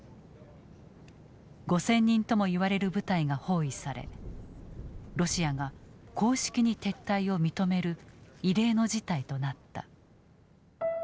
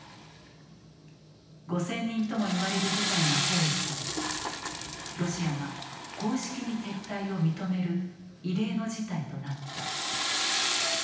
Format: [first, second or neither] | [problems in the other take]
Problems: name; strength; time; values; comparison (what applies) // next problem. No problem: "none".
first | background sound (Toilet flush / Water); 2 dB below the speech // room echo; dies away in 0.9 s